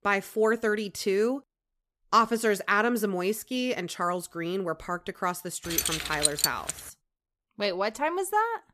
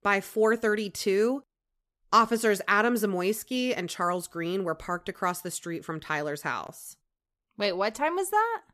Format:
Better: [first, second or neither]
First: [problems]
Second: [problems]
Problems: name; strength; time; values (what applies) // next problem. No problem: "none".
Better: second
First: jangling keys; loud; from 5.5 to 6.5 s; peak 4 dB above the speech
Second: none